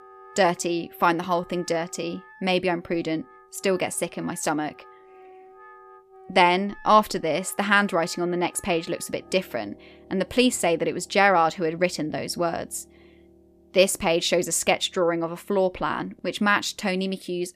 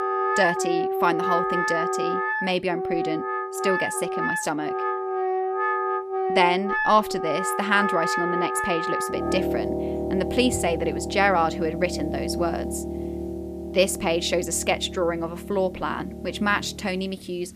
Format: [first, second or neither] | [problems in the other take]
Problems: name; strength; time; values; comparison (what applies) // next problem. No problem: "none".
first | background music; loud; throughout; 2 dB below the speech; faint in the first